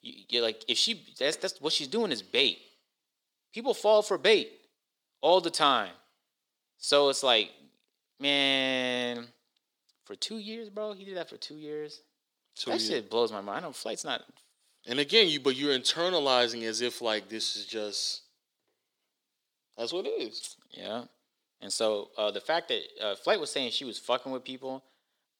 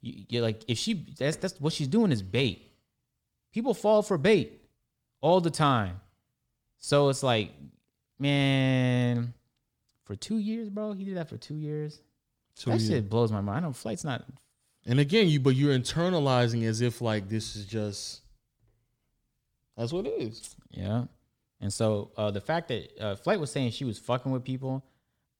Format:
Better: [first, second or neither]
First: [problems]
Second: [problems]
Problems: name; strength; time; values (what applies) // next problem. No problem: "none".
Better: second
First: thin; somewhat; fading below 350 Hz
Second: none